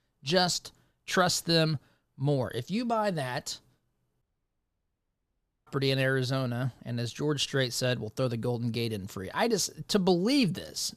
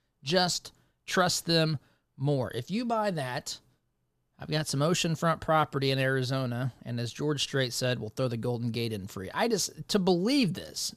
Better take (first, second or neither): second